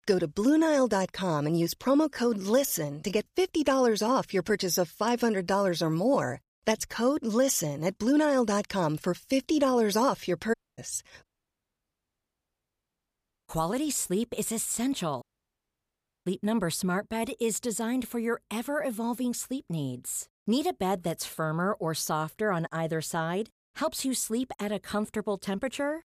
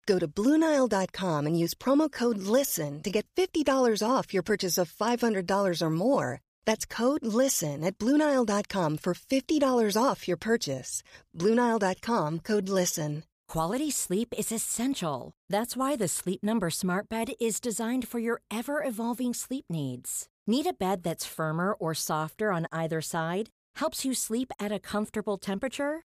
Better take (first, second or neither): second